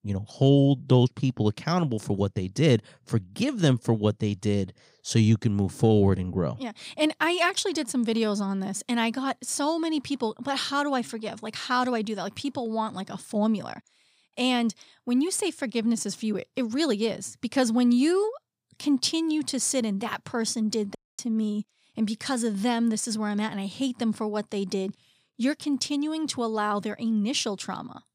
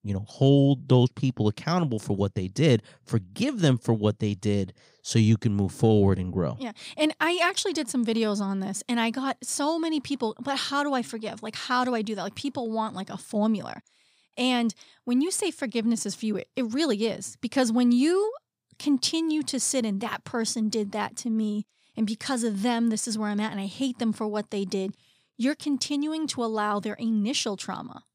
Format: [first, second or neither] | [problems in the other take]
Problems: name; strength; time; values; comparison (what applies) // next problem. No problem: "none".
second | audio cutting out; at 21 s